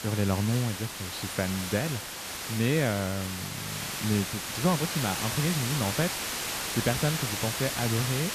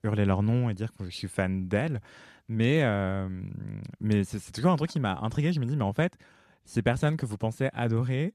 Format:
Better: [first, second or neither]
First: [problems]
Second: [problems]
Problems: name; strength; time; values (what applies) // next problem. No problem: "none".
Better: second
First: hiss; loud; throughout; 2 dB below the speech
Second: none